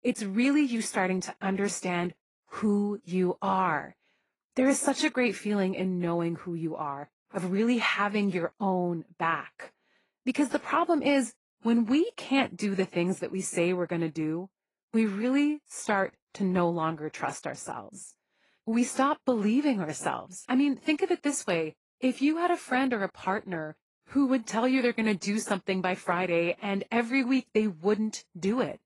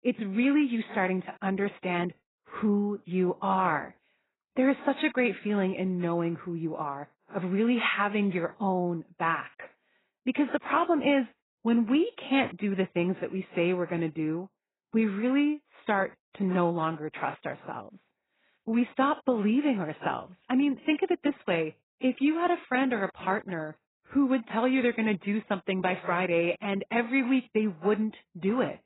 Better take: first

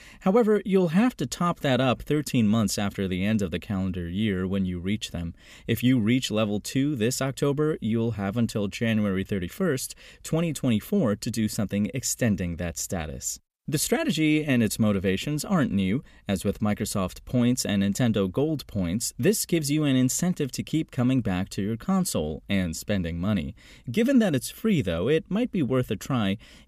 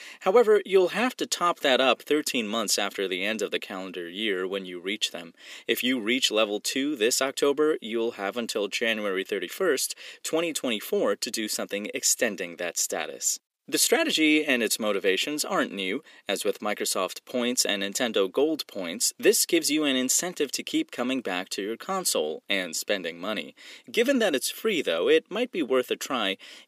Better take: first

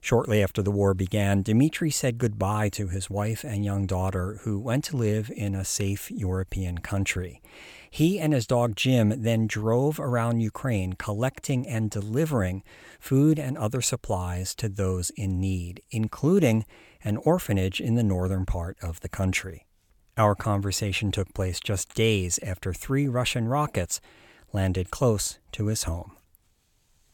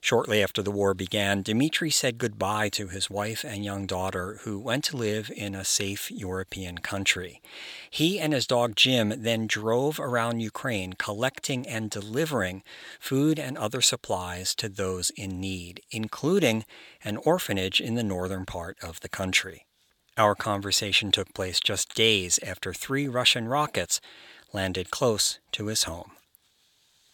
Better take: first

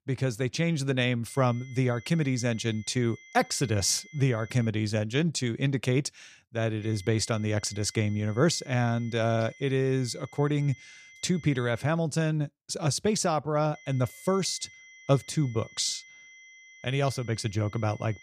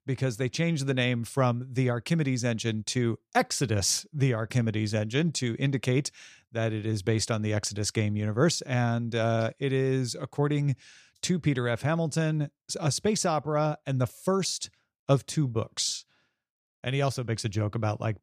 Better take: second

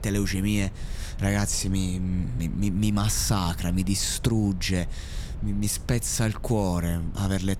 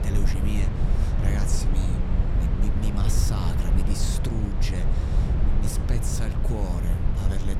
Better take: first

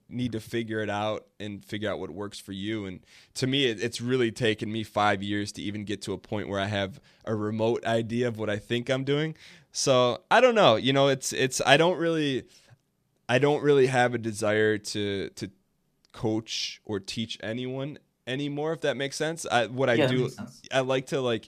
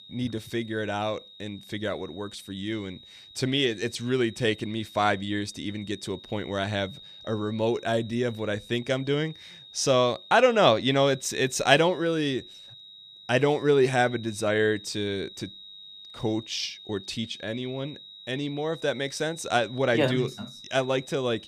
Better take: first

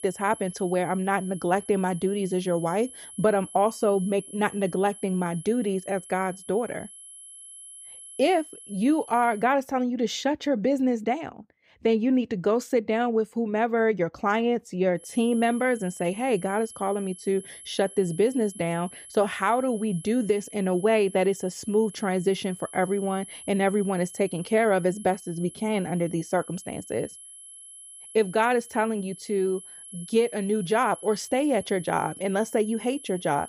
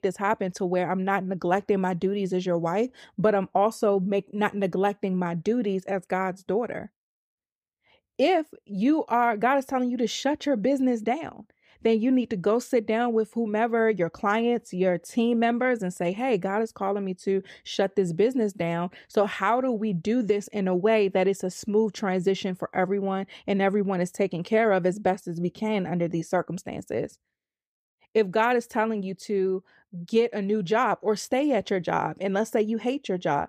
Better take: second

